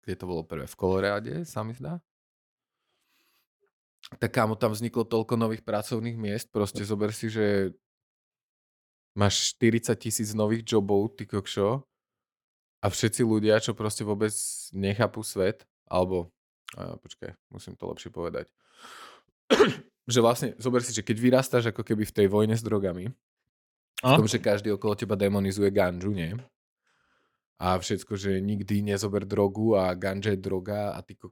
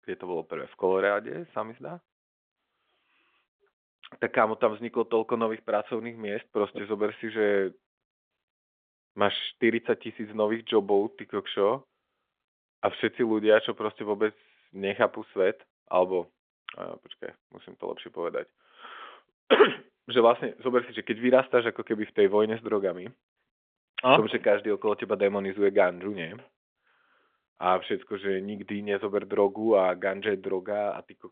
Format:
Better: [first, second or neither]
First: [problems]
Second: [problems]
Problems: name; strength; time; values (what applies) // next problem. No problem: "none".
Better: first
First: none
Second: phone-call audio; nothing above 3.5 kHz